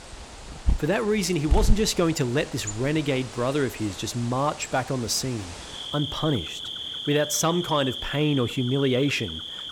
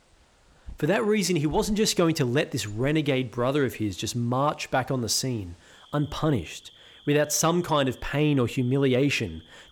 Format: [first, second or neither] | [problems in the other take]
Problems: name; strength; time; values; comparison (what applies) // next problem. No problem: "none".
second | animal sounds; loud; throughout; 7 dB below the speech; faint in the second